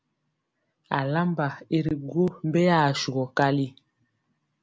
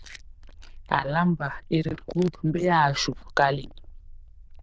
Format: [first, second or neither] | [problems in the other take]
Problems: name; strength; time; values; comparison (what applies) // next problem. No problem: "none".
first | noise reduction (neural diffusion model UNIVERSE++)